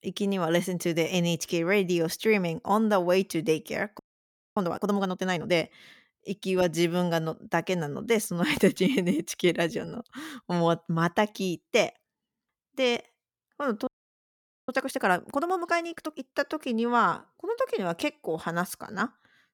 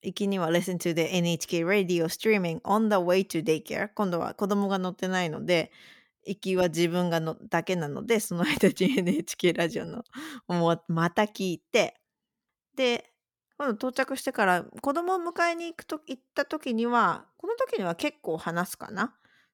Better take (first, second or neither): second